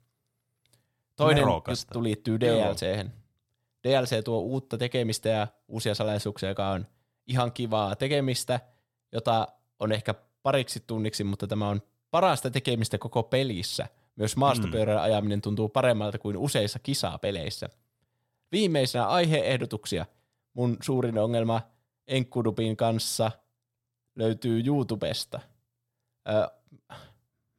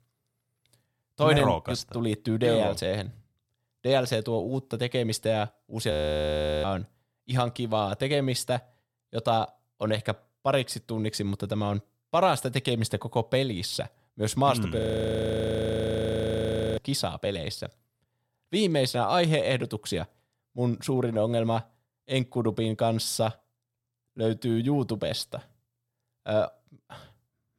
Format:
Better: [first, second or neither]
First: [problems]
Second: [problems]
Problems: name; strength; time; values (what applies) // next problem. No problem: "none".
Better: first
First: none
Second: audio freezing; at 6 s for 0.5 s and at 15 s for 2 s